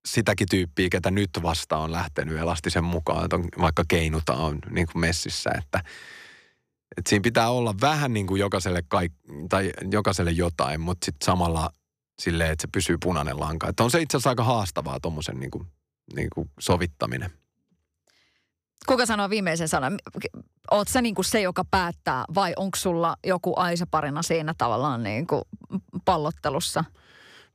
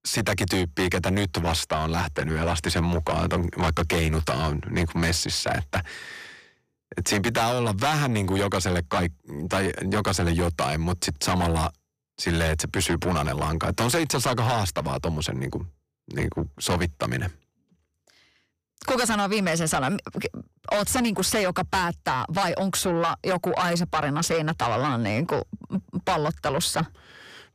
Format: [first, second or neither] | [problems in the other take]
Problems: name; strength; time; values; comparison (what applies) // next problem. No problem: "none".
first | distortion; heavy; 7 dB below the speech